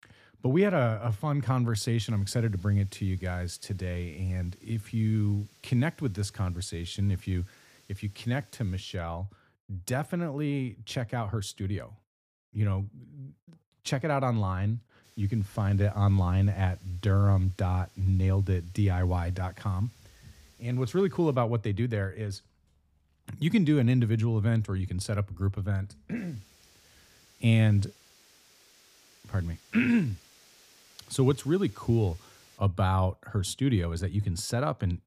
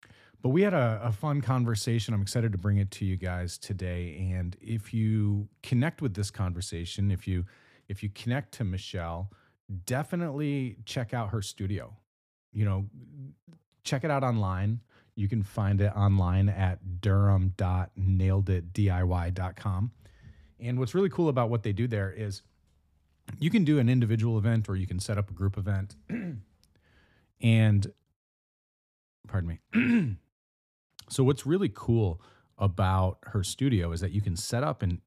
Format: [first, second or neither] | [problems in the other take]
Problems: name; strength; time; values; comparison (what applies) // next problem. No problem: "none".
second | hiss; faint; from 2 to 9 s, from 15 to 21 s and from 26 to 33 s; 30 dB below the speech